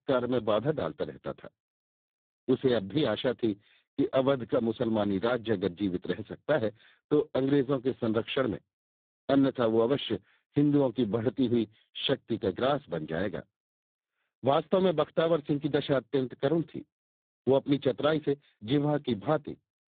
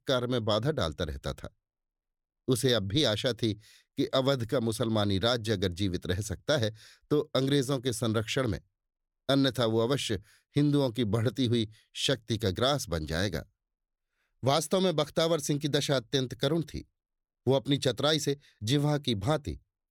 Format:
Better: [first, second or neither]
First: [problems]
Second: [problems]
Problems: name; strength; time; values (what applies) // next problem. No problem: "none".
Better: second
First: phone-call audio; poor line; nothing above 3.5 kHz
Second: none